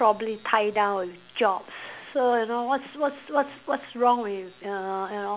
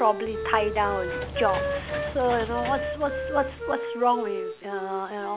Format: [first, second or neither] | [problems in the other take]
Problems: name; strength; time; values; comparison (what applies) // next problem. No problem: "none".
first | background sound (Wind instrument, woodwind instrument + Engine / Mechanisms); 4 dB below the speech